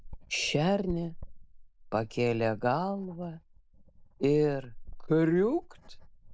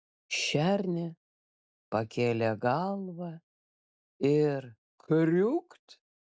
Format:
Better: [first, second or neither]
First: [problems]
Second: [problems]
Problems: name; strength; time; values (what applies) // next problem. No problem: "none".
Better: second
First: noise reduction (neural mask model Resemble Enhance denoiser)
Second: none